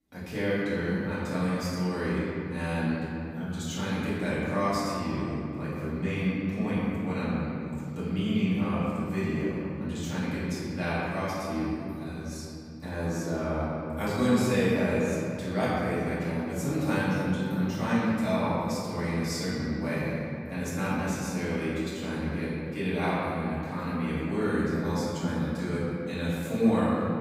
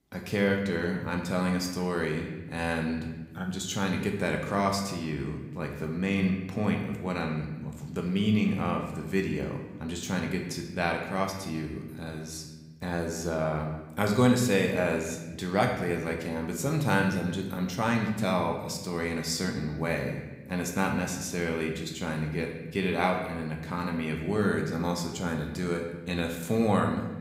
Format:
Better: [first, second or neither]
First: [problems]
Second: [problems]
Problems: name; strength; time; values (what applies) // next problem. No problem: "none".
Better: second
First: room echo; strong; dies away in 2.6 s // off-mic speech; far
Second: room echo; slight; dies away in 0.9 s